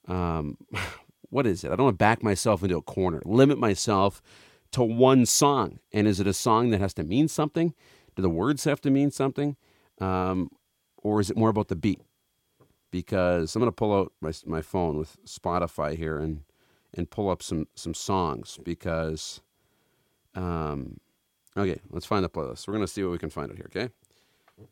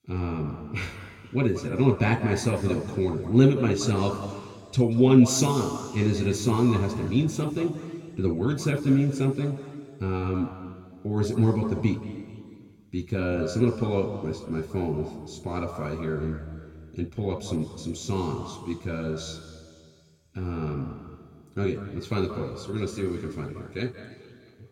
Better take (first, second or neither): first